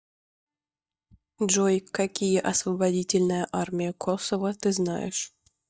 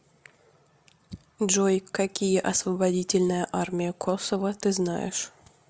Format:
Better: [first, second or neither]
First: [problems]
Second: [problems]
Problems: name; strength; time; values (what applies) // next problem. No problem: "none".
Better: second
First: noise reduction (neural mask model DeepFilterNet 3)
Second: none